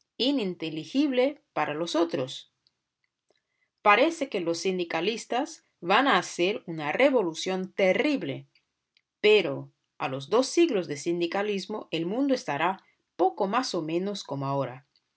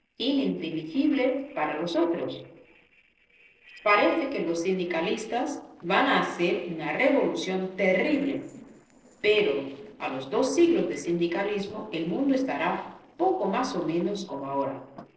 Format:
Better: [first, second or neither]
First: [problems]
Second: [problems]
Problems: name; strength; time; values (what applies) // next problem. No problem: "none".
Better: first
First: none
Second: noise reduction (neural separator model SepFormer DNS4)